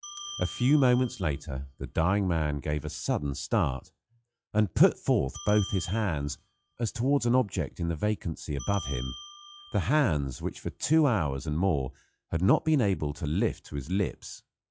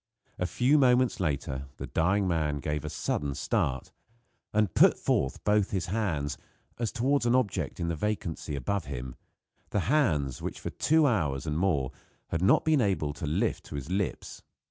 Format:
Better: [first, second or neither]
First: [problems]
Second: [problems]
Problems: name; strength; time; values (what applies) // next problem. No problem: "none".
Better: second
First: noise reduction (classical method log-MMSE)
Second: none